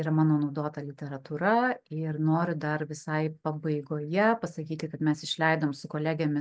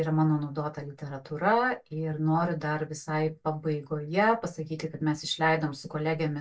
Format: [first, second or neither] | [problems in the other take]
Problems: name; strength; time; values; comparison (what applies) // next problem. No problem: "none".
first | room echo; dies away in 0.2 s